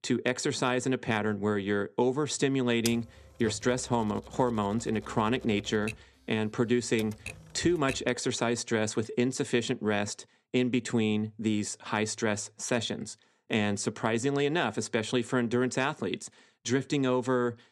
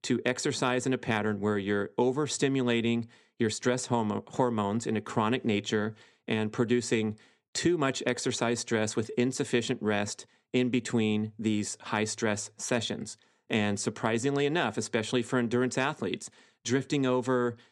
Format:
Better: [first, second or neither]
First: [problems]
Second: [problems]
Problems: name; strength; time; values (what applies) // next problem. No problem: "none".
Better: second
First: keyboard typing; noticeable; from 3 to 8 s; peak 7 dB below the speech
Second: none